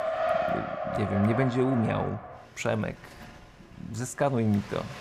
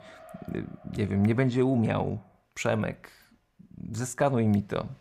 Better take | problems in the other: second | traffic noise; loud; throughout; 3 dB below the speech; faint in the second

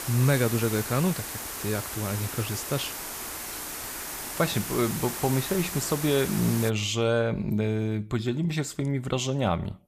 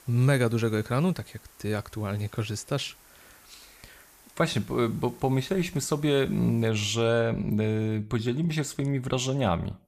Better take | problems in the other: second | hiss; loud; until 6.5 s; 6 dB below the speech; faint in the second

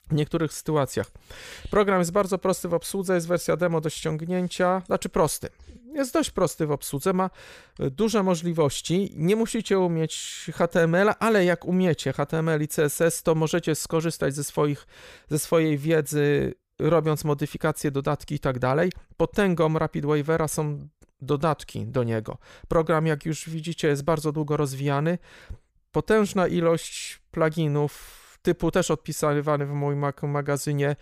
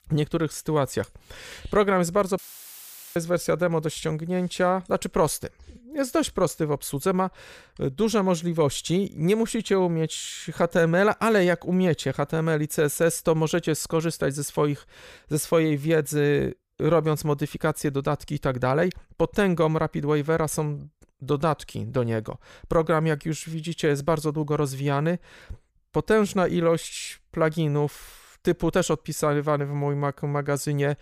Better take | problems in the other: first | audio cutting out; filled with static; at 2.5 s for 1 s

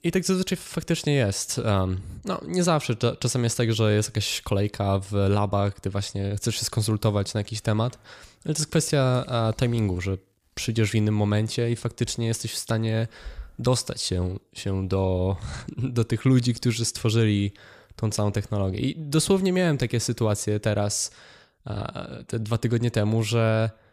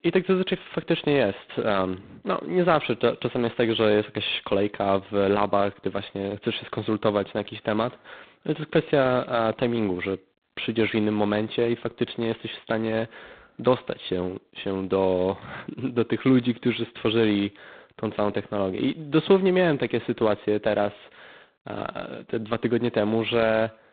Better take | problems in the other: first | phone-call audio; poor line; nothing above 4 kHz

